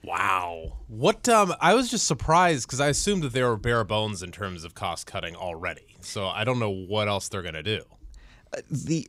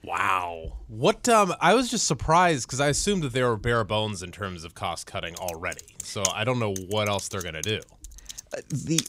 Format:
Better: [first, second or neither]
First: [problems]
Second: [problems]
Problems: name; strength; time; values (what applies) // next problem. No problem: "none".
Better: first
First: none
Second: keyboard typing; noticeable; from 5.5 s on; peak 3 dB below the speech